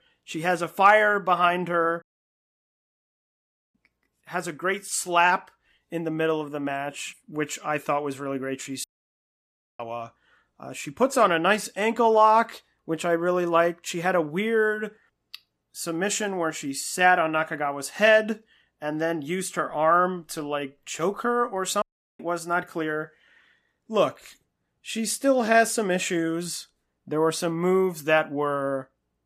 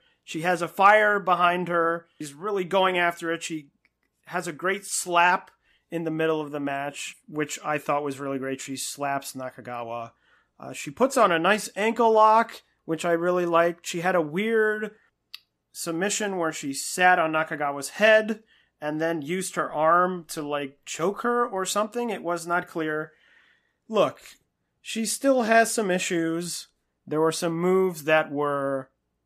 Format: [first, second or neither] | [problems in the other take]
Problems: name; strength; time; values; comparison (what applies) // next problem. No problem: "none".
second | audio cutting out; at 2 s for 1.5 s, at 9 s for 1 s and at 22 s